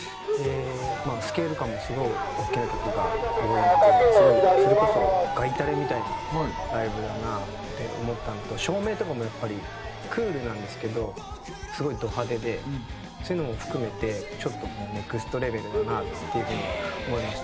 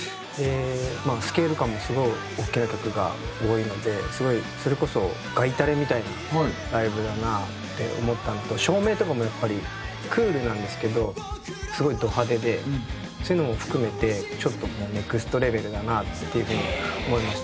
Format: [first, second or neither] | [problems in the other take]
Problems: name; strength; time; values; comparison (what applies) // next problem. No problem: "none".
second | background sound (Motor vehicle (road) / Siren); 3 dB above the speech